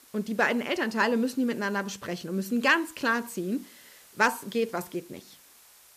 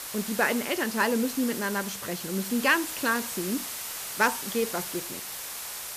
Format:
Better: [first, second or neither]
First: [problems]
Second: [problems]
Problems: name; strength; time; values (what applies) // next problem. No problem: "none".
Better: first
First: hiss; faint; throughout; 25 dB below the speech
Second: hiss; loud; throughout; 6 dB below the speech